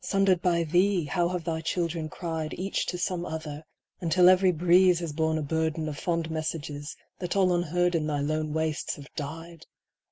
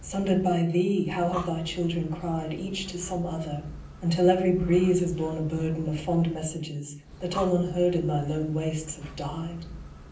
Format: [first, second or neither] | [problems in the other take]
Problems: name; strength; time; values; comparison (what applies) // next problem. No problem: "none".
first | background sound (Breathing); 15 dB below the speech // room echo; dies away in 0.6 s